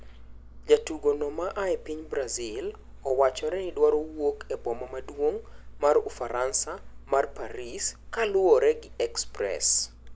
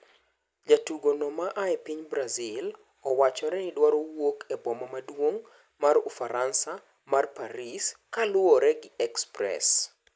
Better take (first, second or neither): second